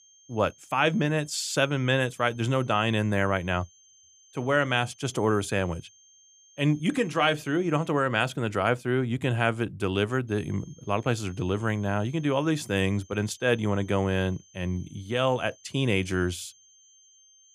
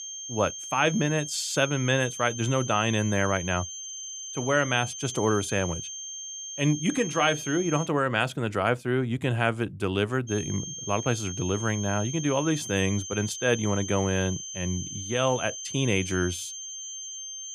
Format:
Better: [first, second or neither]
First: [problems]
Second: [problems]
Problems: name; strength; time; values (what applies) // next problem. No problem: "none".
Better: first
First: high-pitched whine; faint; until 8 s and from 10 s on; 6.5 kHz, 30 dB below the speech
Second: high-pitched whine; loud; until 8 s and from 10 s on; 6.5 kHz, 8 dB below the speech